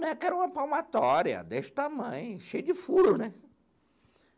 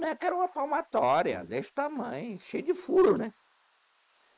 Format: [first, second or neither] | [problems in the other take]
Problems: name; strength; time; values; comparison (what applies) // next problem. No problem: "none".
first | noise reduction (neural mask model Resemble Enhance denoiser)